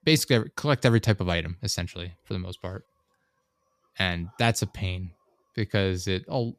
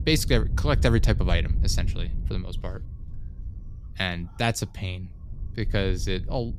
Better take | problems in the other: first | wind noise on the microphone; occasional gusts; 20 dB below the speech

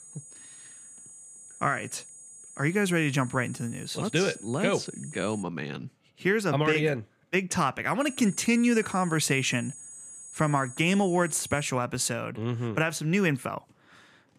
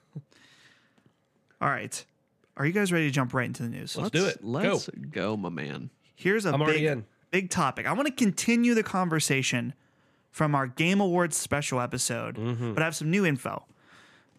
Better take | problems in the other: second | high-pitched whine; noticeable; until 5.5 s and from 8 to 12 s; 8 kHz, 15 dB below the speech

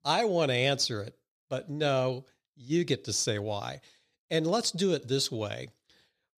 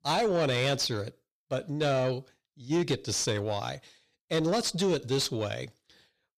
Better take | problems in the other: first | distortion; slight; 10 dB below the speech

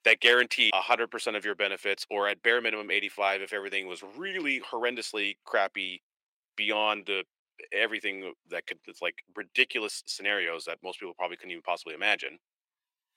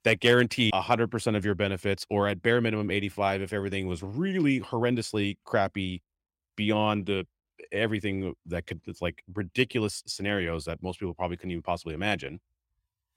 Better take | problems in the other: second | thin; very; fading below 400 Hz

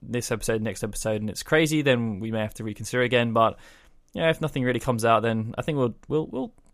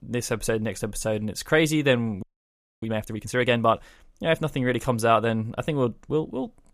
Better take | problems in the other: first | audio freezing; at 2 s for 0.5 s

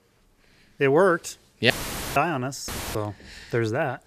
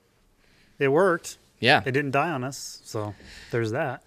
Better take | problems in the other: second | audio cutting out; filled with static; at 1.5 s and at 2.5 s

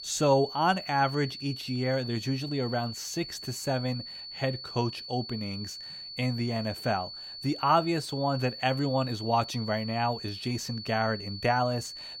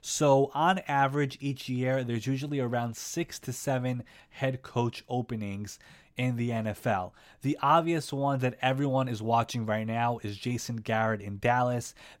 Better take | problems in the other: second | high-pitched whine; loud; throughout; 4.5 kHz, 9 dB below the speech

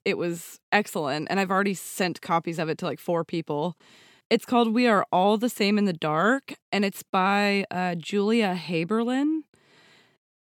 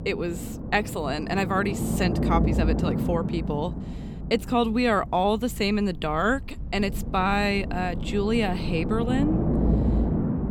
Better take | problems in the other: first | low rumble; loud; throughout; 8 dB below the speech

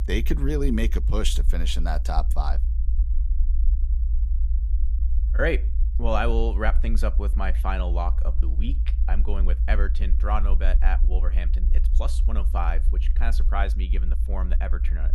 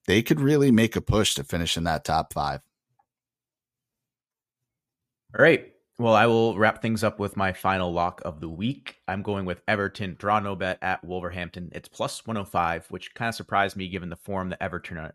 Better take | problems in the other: second | low rumble; noticeable; throughout; 15 dB below the speech

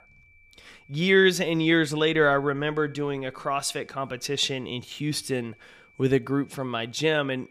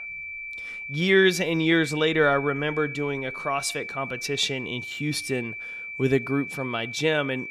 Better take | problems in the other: first | high-pitched whine; loud; throughout; 2.5 kHz, 9 dB below the speech; faint in the first

